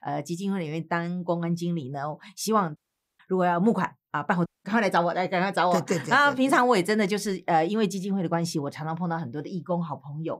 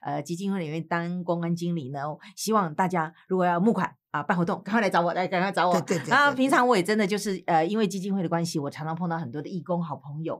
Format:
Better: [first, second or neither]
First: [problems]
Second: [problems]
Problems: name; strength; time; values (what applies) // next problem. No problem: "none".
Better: second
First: audio cutting out; at 3 s and at 4.5 s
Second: none